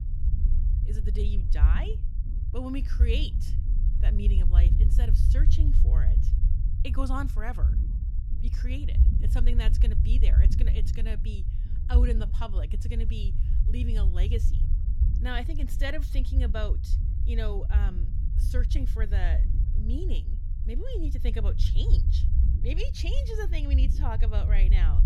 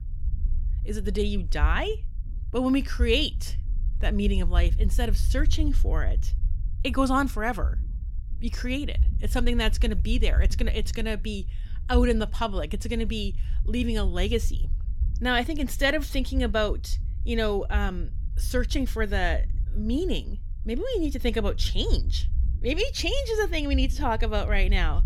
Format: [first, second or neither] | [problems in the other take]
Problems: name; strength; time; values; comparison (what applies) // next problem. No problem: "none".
second | low rumble; loud; throughout; 6 dB below the speech; faint in the second